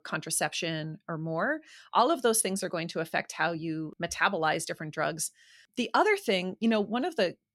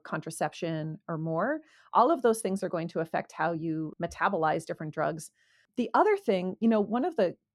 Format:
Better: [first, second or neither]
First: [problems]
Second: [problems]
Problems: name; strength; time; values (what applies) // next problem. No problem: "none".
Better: first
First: none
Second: muffled; slightly; fading above 1.5 kHz